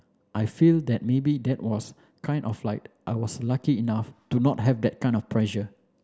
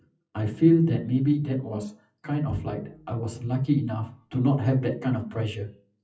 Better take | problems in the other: first | noise reduction (classical method WPE with log-MMSE)

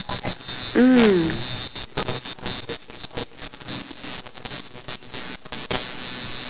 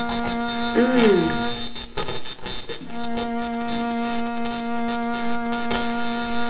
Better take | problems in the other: first | background sound (Bowed string instrument); 2 dB below the speech // room echo; dies away in 0.6 s

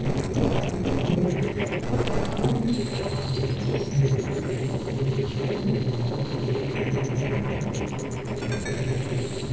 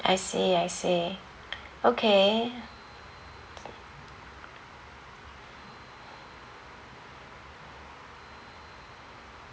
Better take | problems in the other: second | noise reduction (neural separator model SepFormer DNS4)

